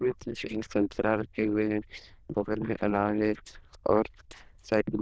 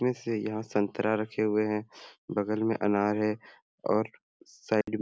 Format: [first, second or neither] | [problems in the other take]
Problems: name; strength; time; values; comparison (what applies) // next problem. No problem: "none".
second | noise reduction (neural diffusion model UNIVERSE++)